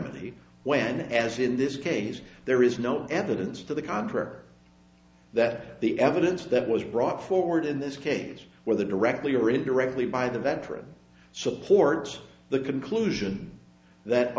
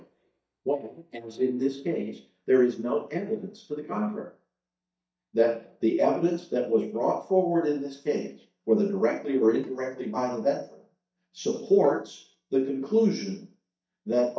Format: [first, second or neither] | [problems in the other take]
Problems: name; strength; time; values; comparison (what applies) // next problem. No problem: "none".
first | noise reduction (neural mask model DeepFilterNet 3)